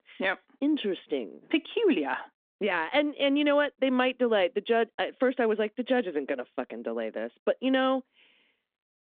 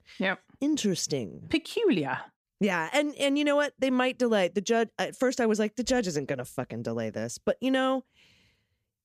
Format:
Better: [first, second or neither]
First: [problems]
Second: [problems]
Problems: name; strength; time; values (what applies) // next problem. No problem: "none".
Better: second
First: phone-call audio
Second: none